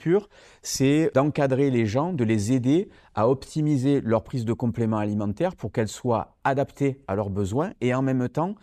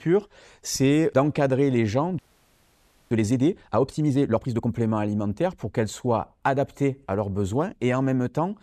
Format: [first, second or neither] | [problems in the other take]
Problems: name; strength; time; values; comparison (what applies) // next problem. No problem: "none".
first | audio freezing; at 2 s for 1 s